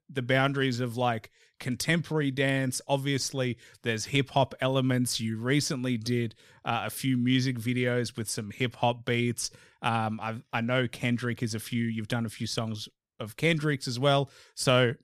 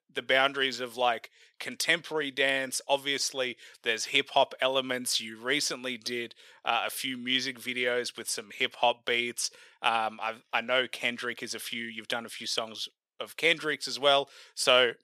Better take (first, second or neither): first